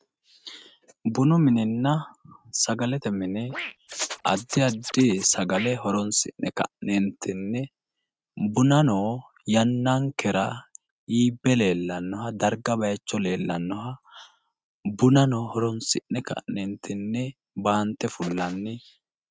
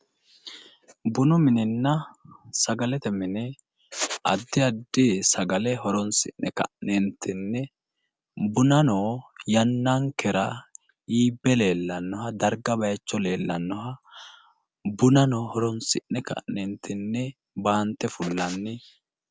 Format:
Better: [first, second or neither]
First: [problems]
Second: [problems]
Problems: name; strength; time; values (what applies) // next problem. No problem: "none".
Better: second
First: noise reduction (neural mask model RNNoise)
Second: none